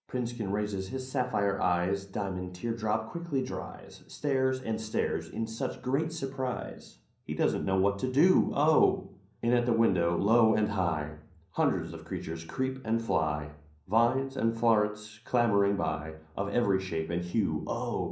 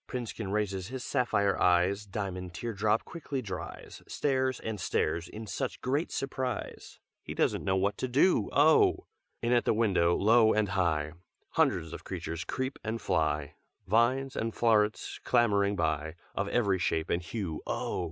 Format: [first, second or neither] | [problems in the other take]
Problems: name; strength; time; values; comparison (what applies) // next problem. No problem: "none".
second | room echo; dies away in 0.6 s